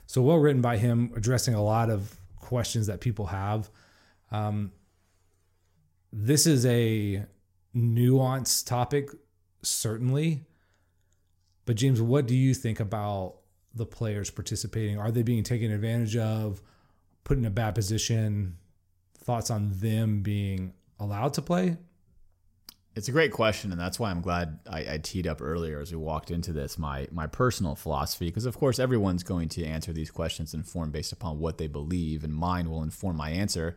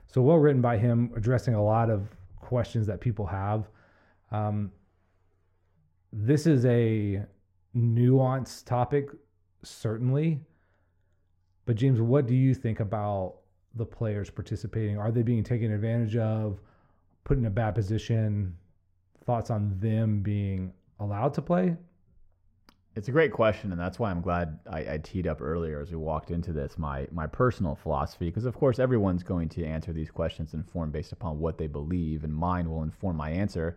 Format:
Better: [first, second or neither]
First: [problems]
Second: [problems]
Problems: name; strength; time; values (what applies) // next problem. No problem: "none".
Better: first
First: none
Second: muffled; very; fading above 3.5 kHz